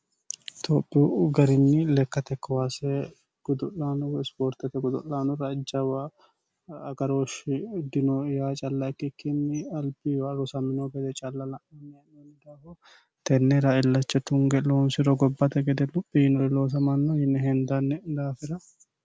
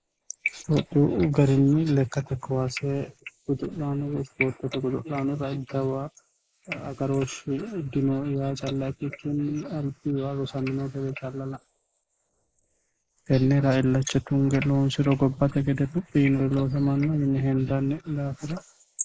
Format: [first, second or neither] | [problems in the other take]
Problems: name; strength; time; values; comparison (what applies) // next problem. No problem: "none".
first | noise reduction (neural mask model Resemble Enhance denoiser)